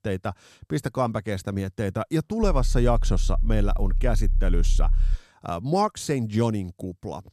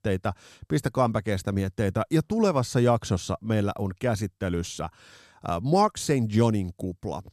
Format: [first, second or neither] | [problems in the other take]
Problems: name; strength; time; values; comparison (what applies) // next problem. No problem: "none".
second | low rumble; faint; from 2.5 to 5 s; 25 dB below the speech